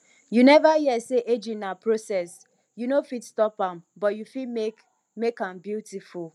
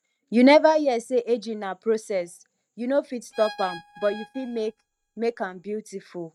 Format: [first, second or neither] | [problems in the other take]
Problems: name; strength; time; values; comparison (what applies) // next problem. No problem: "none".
first | noise reduction (neural mask model RNNoise)